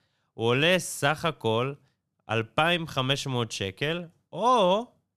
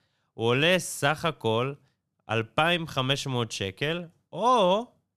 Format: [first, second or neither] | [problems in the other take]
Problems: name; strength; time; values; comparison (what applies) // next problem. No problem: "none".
neither | none